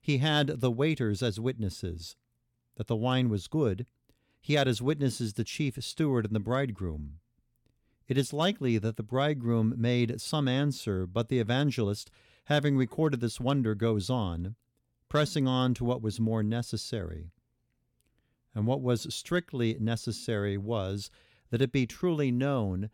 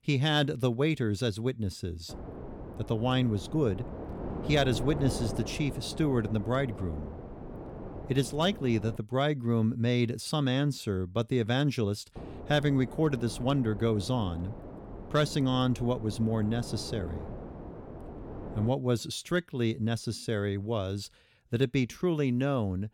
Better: first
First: none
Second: wind noise on the microphone; occasional gusts; from 2 to 9 s and from 12 to 19 s; 10 dB below the speech

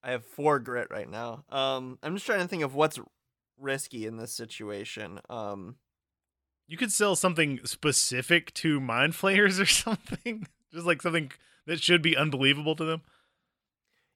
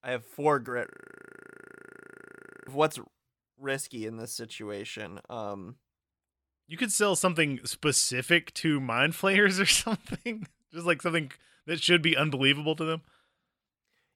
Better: first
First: none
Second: audio freezing; at 1 s for 2 s

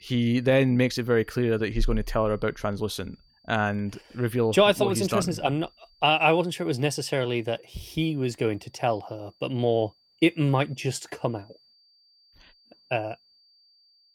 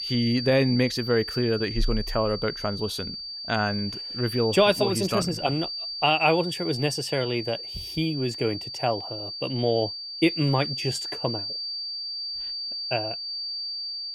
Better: first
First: high-pitched whine; faint; throughout; 4.5 kHz, 35 dB below the speech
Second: high-pitched whine; loud; throughout; 4.5 kHz, 5 dB below the speech

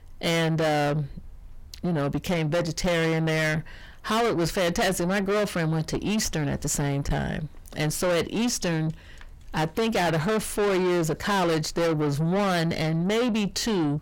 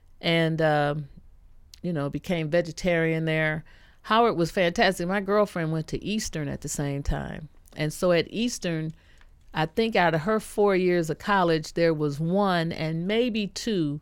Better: second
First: distortion; heavy; 6 dB below the speech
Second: none

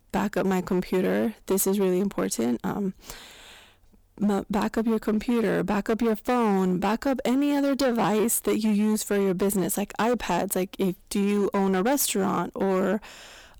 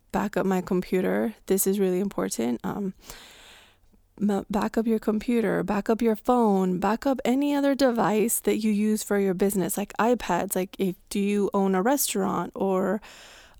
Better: second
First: distortion; slight; 13% of the sound clipped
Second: none

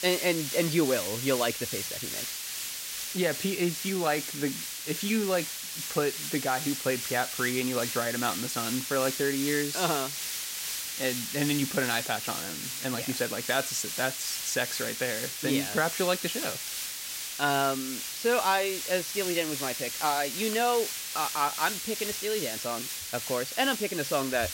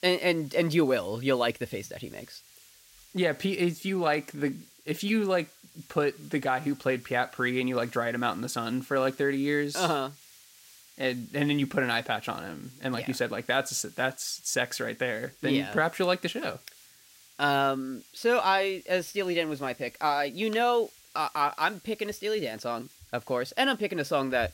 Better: second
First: hiss; loud; throughout; 3 dB below the speech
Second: hiss; faint; throughout; 25 dB below the speech

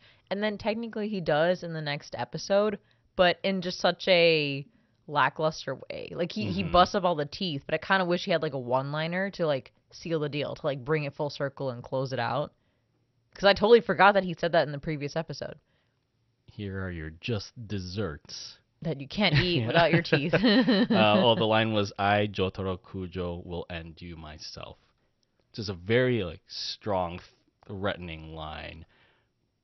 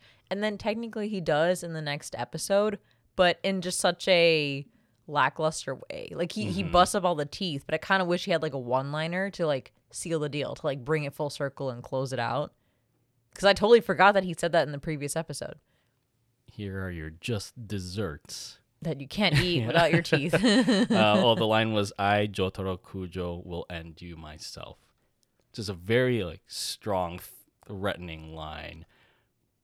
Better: second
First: garbled, watery; slightly; nothing above 6 kHz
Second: none

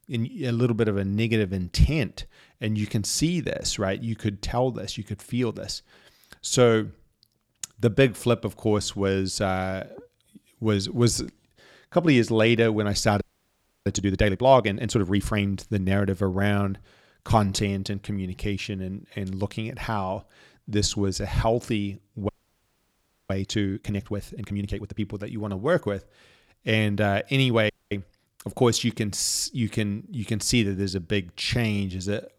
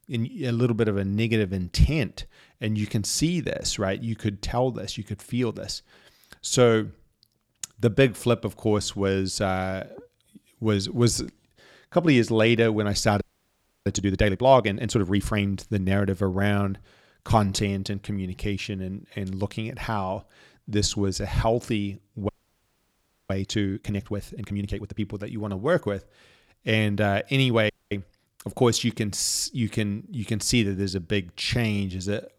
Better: neither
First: audio freezing; at 13 s for 0.5 s, at 22 s for 1 s and at 28 s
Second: audio freezing; at 13 s for 0.5 s, at 22 s for 1 s and at 28 s

